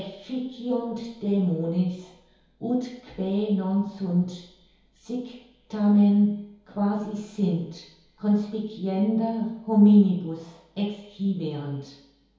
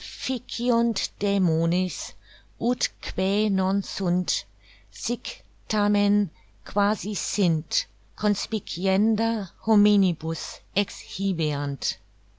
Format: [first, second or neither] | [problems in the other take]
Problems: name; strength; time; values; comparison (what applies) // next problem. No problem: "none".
second | room echo; dies away in 2.2 s